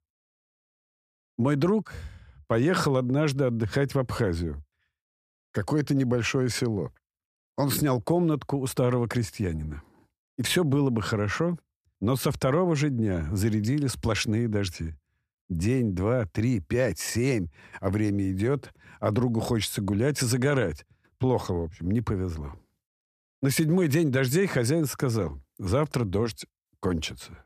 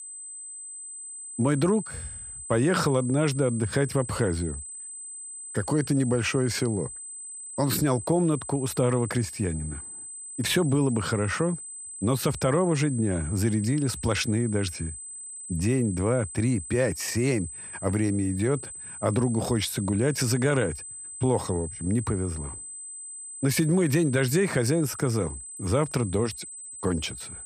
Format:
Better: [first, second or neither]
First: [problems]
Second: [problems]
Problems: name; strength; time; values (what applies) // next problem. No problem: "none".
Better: first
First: none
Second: high-pitched whine; noticeable; throughout; 8 kHz, 10 dB below the speech